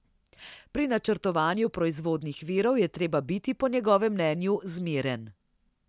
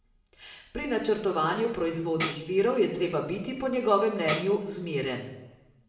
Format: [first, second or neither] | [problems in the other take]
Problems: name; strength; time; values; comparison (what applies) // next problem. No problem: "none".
first | background sound (Tambourine); 11 dB below the speech // room echo; dies away in 0.9 s